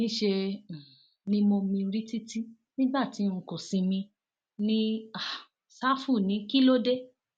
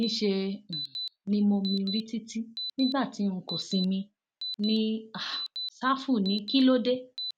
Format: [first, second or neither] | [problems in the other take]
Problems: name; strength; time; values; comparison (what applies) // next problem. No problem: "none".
first | background sound (Alarm); 10 dB below the speech